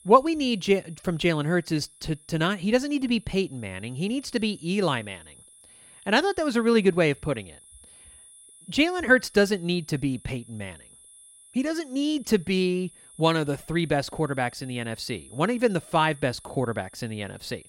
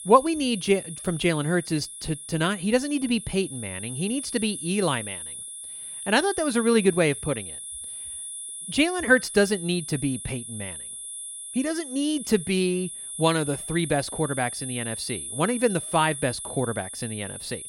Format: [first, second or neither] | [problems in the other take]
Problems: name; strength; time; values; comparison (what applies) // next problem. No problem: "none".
first | high-pitched whine; loud; throughout; 10.5 kHz, 8 dB below the speech; faint in the first